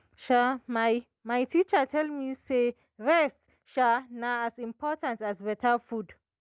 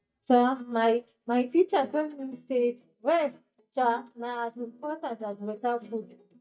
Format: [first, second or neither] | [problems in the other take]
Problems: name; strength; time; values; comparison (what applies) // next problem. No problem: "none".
first | noise reduction (neural mask model DeepFilterNet 3)